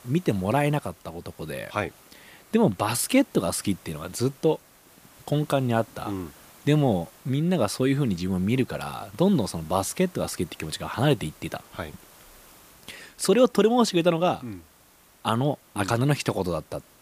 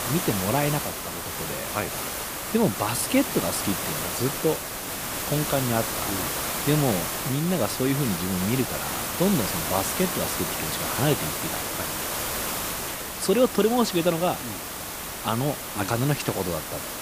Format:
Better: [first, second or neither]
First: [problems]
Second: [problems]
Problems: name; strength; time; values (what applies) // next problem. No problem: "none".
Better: first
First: hiss; faint; throughout; 25 dB below the speech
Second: hiss; loud; throughout; 2 dB below the speech